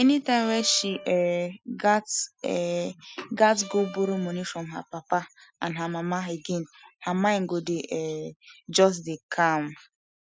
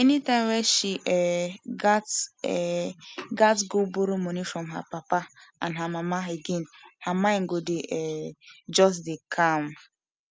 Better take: second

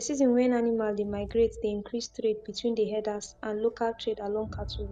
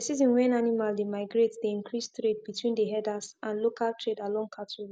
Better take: second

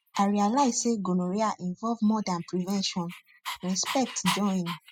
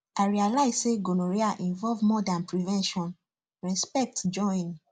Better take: second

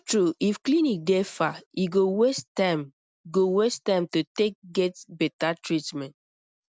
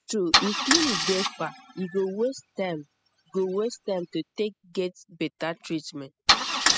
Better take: first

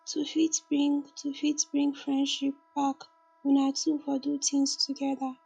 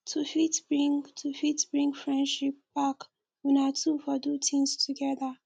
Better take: second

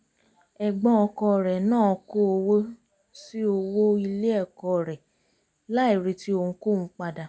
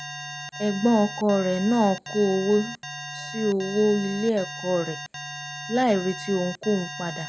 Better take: first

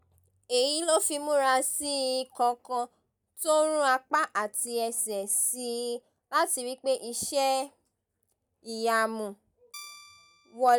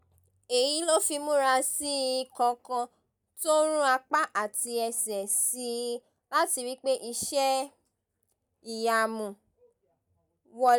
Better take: second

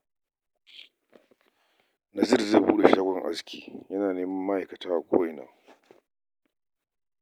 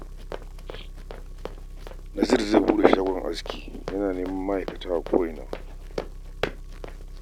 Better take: first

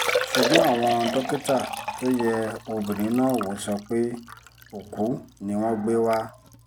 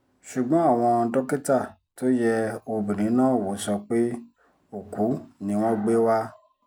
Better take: second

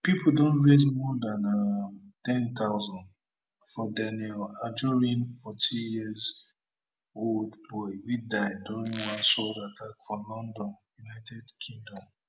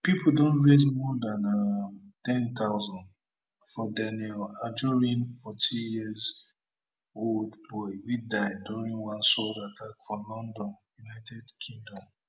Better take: second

